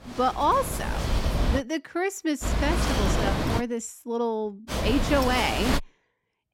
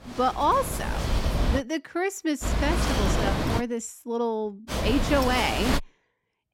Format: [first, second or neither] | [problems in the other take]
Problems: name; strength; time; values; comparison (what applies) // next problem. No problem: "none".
neither | wind noise on the microphone; heavy; until 1.5 s, from 2.5 to 3.5 s and from 4.5 to 6 s; 3 dB below the speech; the same in both